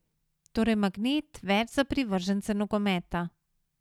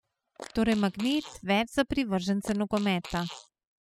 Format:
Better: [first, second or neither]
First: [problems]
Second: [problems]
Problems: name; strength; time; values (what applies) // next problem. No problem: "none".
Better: first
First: none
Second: noise reduction (classical method spectral subtraction)